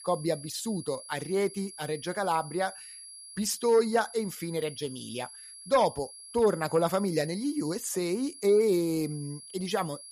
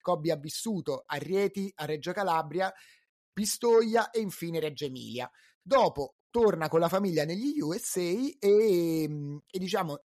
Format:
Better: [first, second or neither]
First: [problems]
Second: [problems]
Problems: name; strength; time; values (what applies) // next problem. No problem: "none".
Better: second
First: high-pitched whine; noticeable; throughout; 10.5 kHz, 15 dB below the speech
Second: none